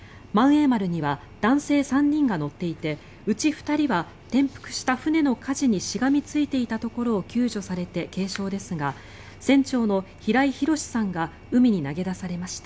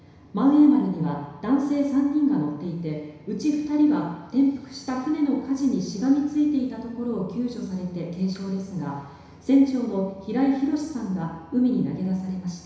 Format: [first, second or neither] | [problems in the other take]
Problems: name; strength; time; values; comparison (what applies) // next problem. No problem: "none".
first | room echo; dies away in 1 s